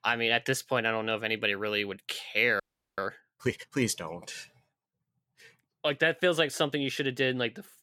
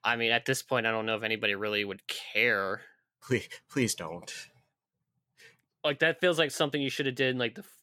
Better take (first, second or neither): second